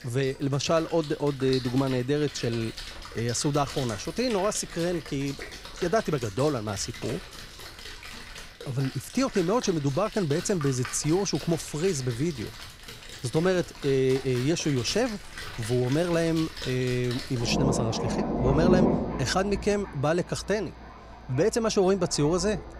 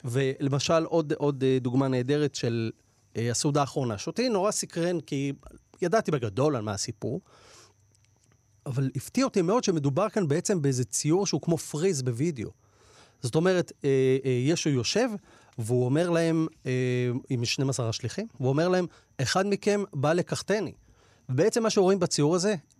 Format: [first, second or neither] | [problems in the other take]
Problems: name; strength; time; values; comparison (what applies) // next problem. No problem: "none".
second | rain or running water; loud; throughout; 8 dB below the speech